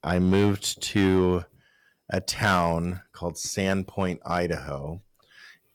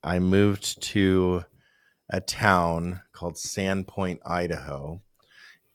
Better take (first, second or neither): second